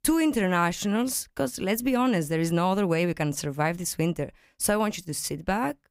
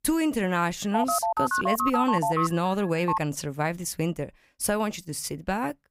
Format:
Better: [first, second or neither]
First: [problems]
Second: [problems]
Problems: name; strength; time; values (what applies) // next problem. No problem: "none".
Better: first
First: none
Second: phone ringing; loud; from 1 to 3 s; peak 2 dB above the speech